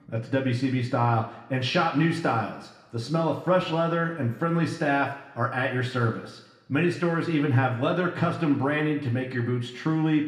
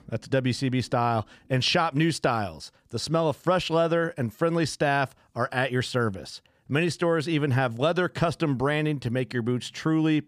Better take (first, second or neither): second